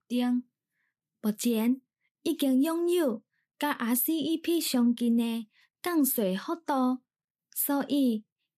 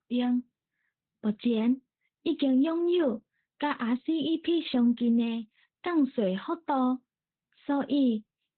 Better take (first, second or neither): first